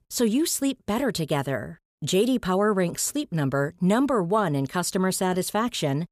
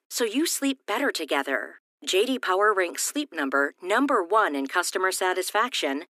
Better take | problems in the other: first | thin; somewhat; fading below 250 Hz

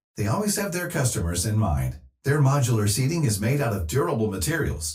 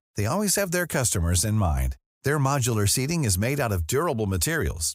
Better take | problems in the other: second | off-mic speech; far // room echo; very slight; dies away in 0.2 s

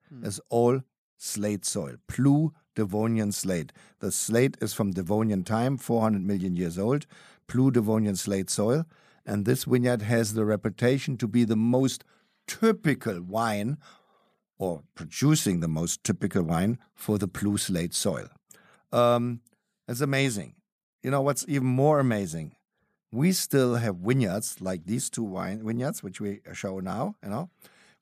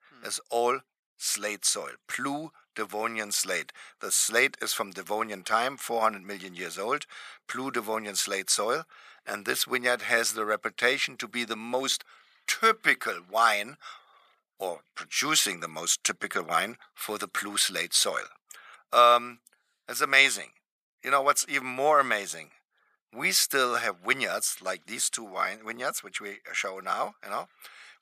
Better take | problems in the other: first | thin; very; fading below 700 Hz

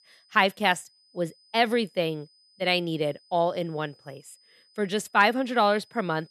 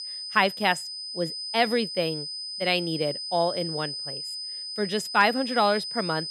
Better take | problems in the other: first | high-pitched whine; loud; throughout; 5 kHz, 6 dB below the speech; faint in the first

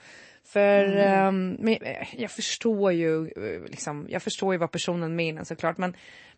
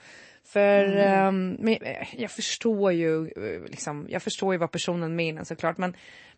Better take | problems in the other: neither | garbled, watery; slightly; nothing above 8 kHz; the same in both

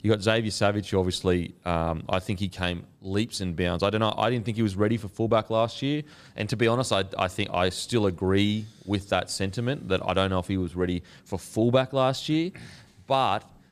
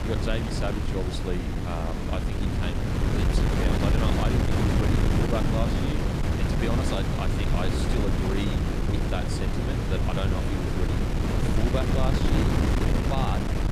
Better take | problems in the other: first | wind noise on the microphone; heavy; 2 dB above the speech

